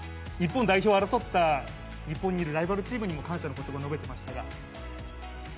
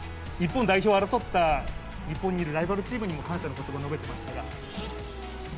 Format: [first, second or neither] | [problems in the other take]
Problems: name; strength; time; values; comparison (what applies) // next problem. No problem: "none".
first | background sound (Race car, auto racing); 12 dB below the speech